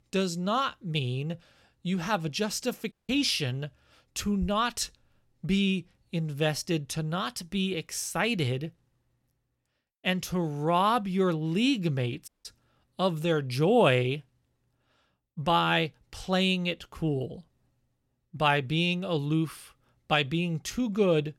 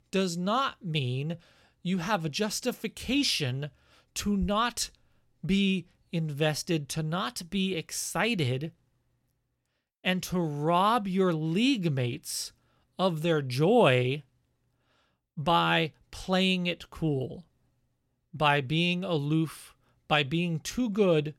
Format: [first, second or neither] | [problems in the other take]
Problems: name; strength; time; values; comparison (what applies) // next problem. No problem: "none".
second | audio cutting out; at 3 s and at 12 s